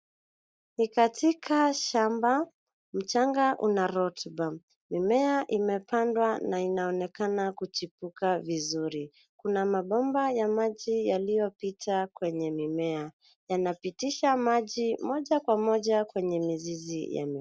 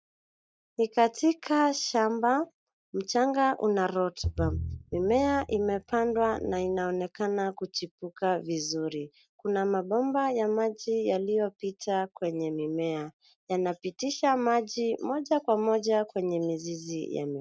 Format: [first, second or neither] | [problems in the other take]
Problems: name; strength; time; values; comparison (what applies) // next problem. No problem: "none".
first | noise reduction (neural mask model RNNoise)